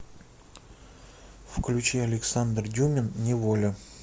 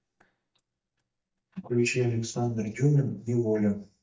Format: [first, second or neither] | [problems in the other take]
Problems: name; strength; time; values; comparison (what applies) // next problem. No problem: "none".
first | noise reduction (neural mask model DeepFilterNet 3)